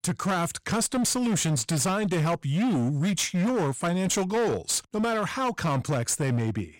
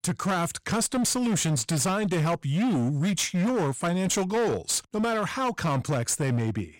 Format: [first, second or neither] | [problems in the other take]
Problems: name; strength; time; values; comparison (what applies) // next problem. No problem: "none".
neither | distortion; slight; 25% of the sound clipped; the same in both